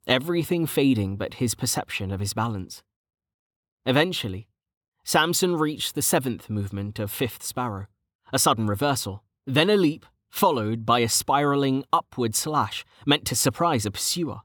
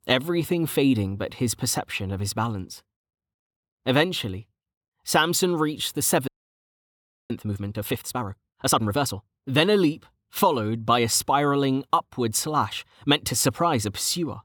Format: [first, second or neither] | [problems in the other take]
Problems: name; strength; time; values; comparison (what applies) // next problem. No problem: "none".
first | audio freezing; at 6.5 s for 1 s